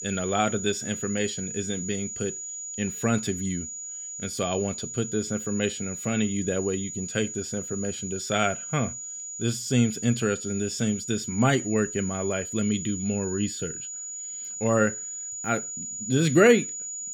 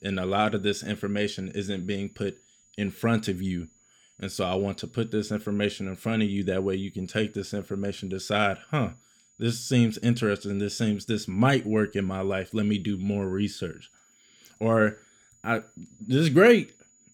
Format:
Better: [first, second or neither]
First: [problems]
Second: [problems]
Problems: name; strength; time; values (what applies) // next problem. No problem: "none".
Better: second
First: high-pitched whine; loud; throughout; 7 kHz, 6 dB below the speech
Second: high-pitched whine; faint; throughout; 7 kHz, 35 dB below the speech